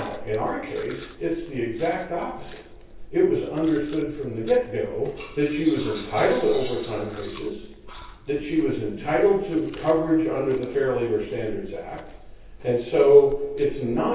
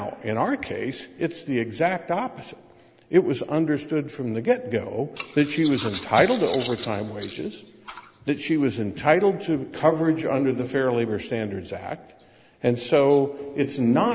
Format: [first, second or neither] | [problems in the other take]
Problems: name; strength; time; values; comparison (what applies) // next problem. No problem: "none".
second | background sound (Chewing, mastication); 16 dB below the speech // room echo; dies away in 0.6 s